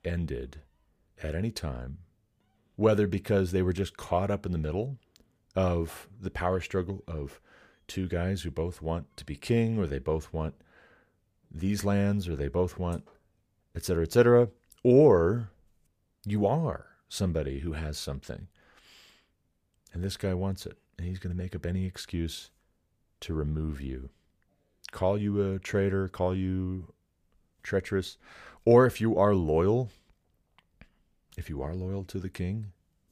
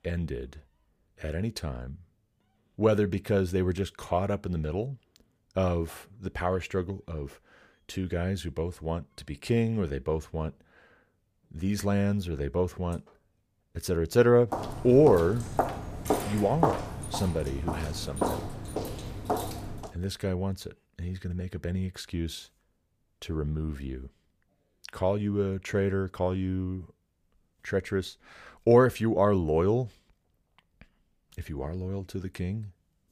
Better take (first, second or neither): first